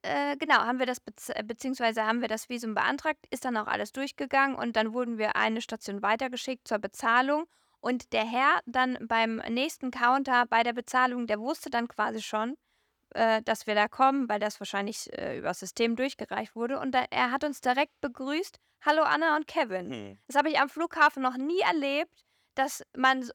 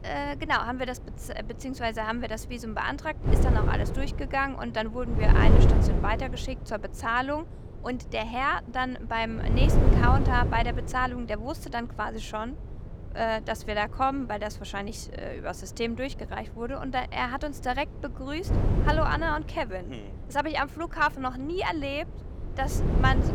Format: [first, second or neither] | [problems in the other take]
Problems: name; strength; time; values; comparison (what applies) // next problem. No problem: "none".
first | wind noise on the microphone; heavy; 6 dB below the speech